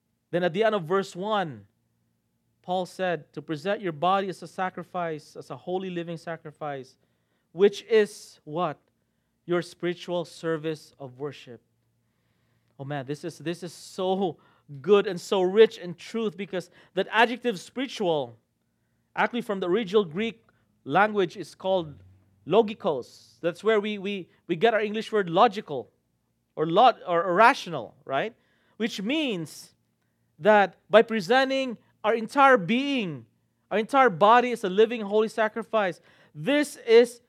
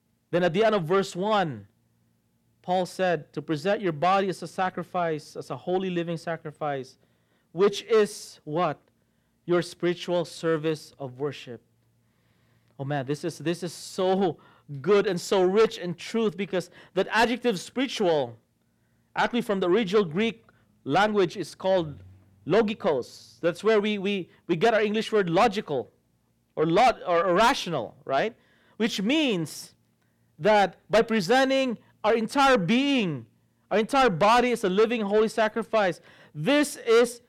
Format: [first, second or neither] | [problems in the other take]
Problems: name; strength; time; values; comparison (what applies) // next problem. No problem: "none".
first | distortion; heavy; 8 dB below the speech